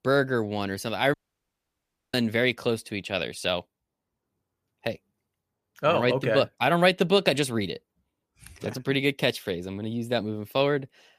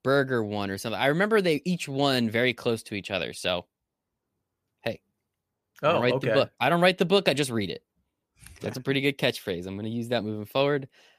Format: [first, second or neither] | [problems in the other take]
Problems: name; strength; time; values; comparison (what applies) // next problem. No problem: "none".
second | audio cutting out; at 1 s for 1 s